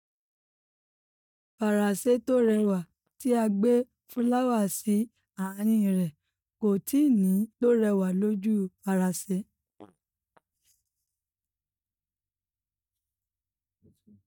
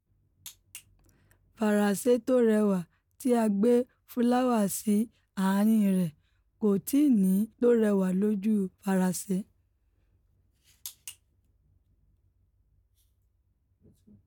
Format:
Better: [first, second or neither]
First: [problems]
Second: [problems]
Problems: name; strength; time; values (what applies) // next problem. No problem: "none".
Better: second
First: noise reduction (neural mask model DeepFilterNet 3)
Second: none